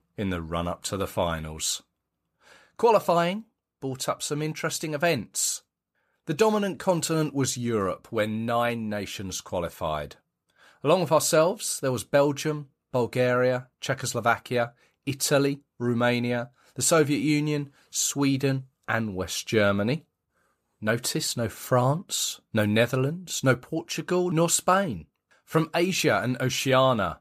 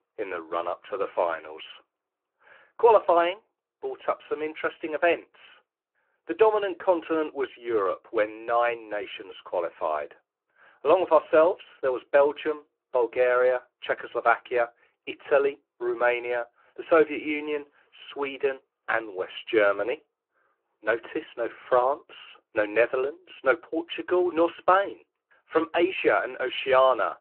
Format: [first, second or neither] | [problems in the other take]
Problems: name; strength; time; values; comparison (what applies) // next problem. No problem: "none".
first | phone-call audio